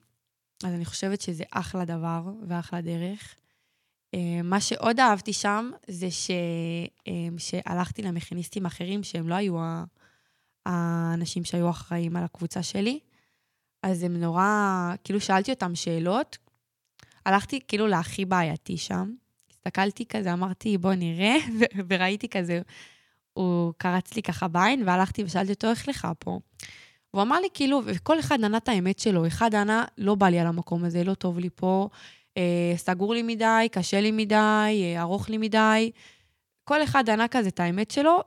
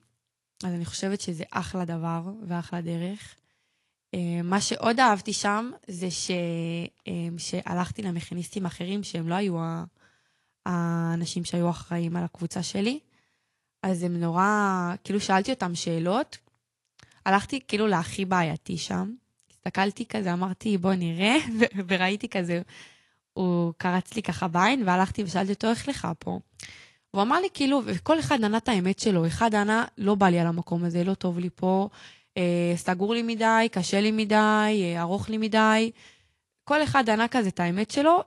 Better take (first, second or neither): first